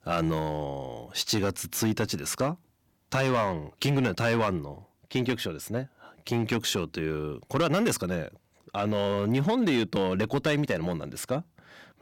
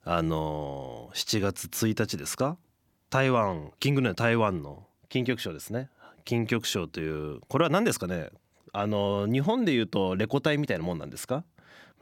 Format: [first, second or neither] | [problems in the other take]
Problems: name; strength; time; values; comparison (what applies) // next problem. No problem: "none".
second | distortion; slight; 4% of the sound clipped